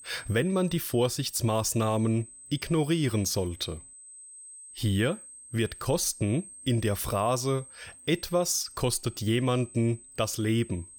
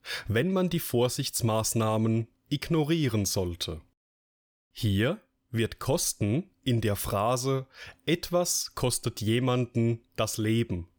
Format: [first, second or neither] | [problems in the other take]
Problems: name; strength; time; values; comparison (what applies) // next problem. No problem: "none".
second | high-pitched whine; noticeable; throughout; 8.5 kHz, 15 dB below the speech